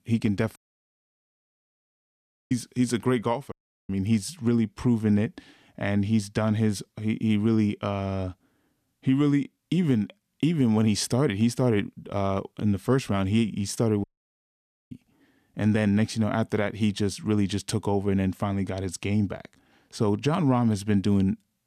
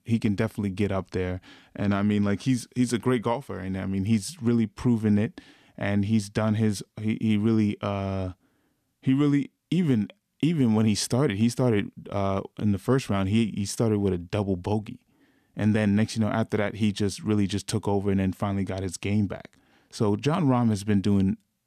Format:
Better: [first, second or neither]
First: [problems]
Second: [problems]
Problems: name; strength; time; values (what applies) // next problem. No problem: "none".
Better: second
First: audio cutting out; at 0.5 s for 2 s, at 3.5 s and at 14 s for 1 s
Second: none